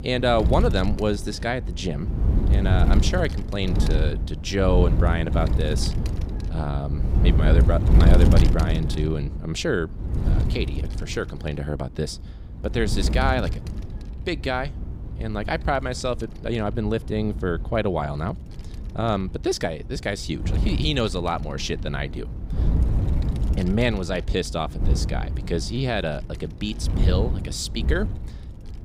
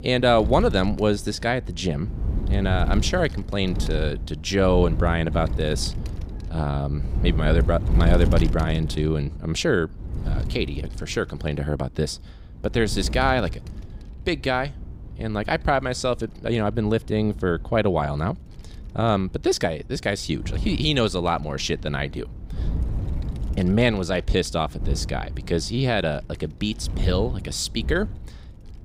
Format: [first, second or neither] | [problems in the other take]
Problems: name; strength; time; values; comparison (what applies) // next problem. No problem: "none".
second | wind noise on the microphone; heavy; 10 dB below the speech; occasional gusts in the second